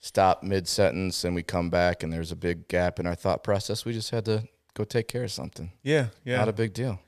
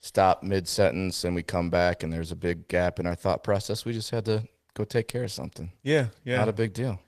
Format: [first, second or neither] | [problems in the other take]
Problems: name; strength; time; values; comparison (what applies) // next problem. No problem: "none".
first | garbled, watery; slightly; nothing above 14.5 kHz